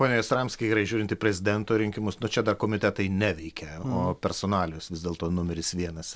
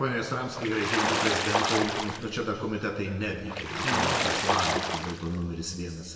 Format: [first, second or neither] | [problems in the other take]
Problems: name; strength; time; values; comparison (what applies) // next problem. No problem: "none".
first | background sound (Water / Splash, splatter); 2 dB above the speech // room echo; dies away in 2.2 s